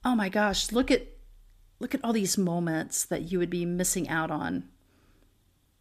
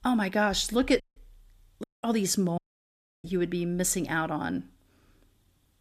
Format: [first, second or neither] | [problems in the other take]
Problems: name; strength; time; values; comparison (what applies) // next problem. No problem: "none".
first | audio cutting out; at 1 s, at 2 s and at 2.5 s for 0.5 s